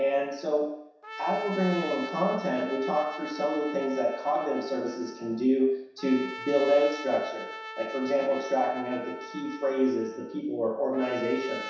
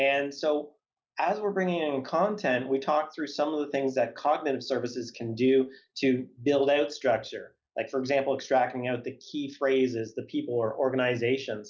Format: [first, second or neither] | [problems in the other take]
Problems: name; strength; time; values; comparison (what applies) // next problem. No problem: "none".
second | background sound (Trumpet); 12 dB below the speech // room echo; dies away in 0.7 s